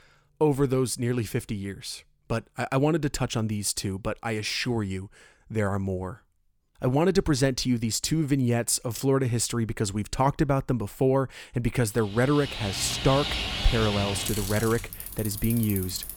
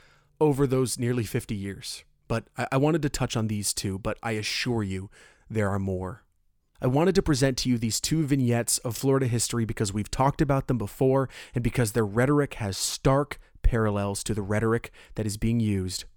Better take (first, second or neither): second